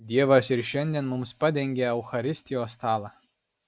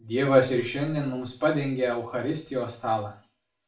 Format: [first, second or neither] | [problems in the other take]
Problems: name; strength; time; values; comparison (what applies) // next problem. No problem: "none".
first | room echo; dies away in 0.4 s